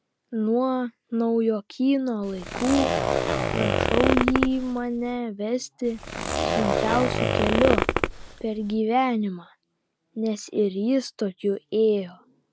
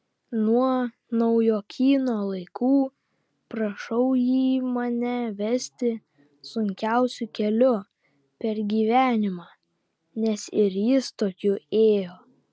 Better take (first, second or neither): second